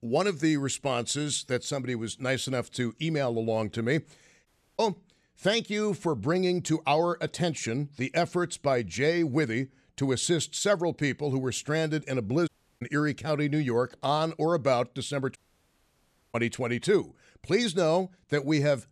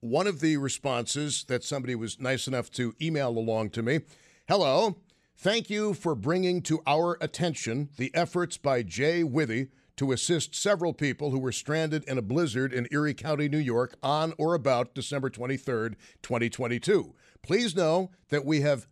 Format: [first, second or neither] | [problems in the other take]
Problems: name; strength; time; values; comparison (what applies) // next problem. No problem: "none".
second | audio cutting out; at 4.5 s, at 12 s and at 15 s for 1 s